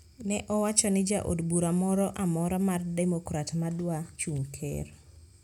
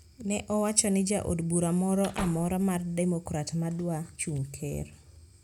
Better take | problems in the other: first | background sound (Slam / Wood); 15 dB below the speech

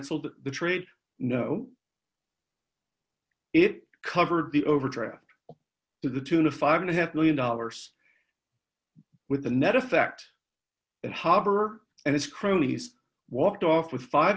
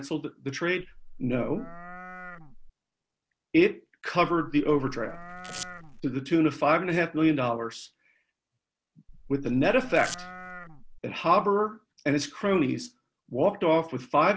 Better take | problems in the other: first | background sound (Domestic sounds, home sounds + Livestock, farm animals, working animals); 13 dB below the speech

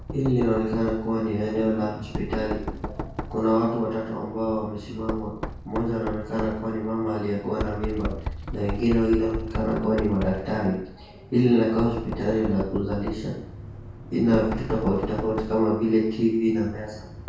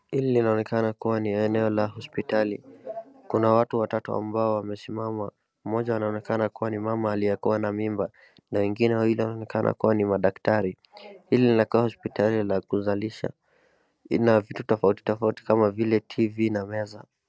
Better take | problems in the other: second | background sound (Knock); 9 dB below the speech // room echo; dies away in 0.6 s

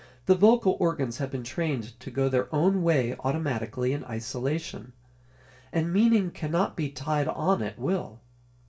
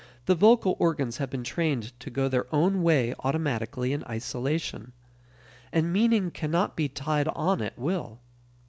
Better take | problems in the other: second | room echo; dies away in 0.2 s

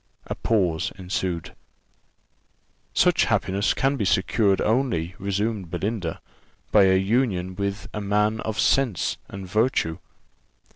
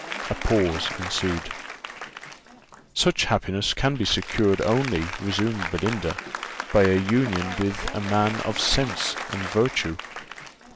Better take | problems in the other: first | background sound (Applause); 9 dB below the speech

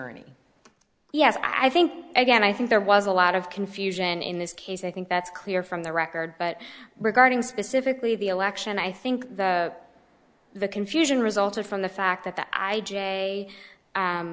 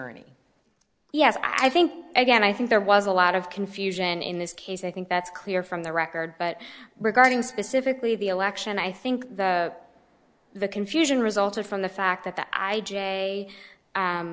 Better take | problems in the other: first | noise reduction (neural separator model SepFormer DNS4)

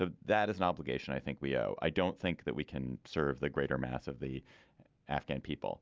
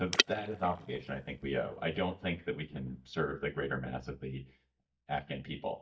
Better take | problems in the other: first | noise reduction (neural mask model DeepFilterNet 3)

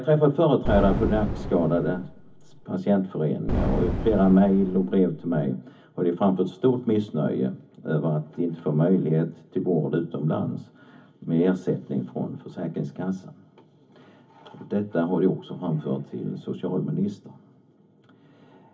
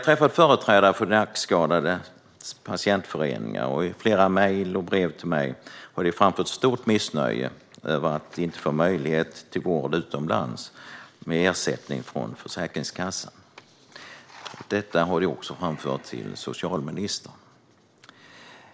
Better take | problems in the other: second | background sound (Boom); 4 dB below the speech // room echo; dies away in 0.3 s

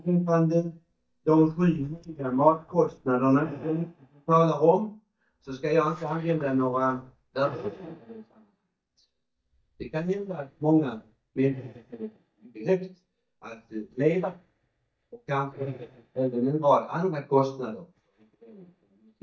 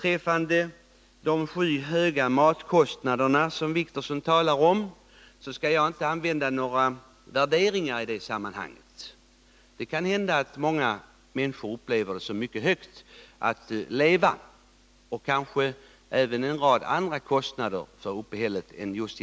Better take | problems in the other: second | noise reduction (neural mask model DeepFilterNet 3)

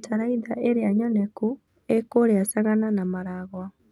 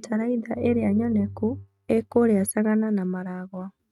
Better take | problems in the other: first | noise reduction (neural mask model RNNoise)

